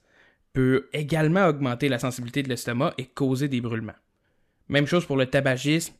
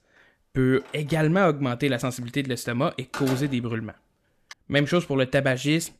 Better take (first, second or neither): first